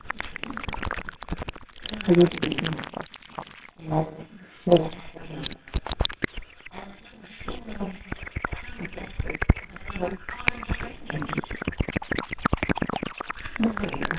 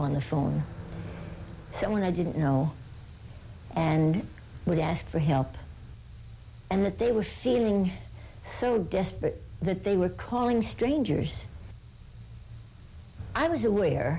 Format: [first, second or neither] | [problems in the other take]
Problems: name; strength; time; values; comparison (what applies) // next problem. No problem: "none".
second | noise reduction (neural separator model SepFormer WHAMR!)